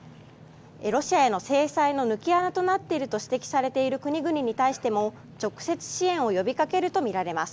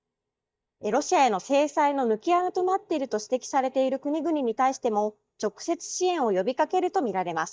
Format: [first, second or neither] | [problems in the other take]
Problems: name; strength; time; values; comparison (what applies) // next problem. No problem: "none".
first | noise reduction (neural mask model DeepFilterNet 3)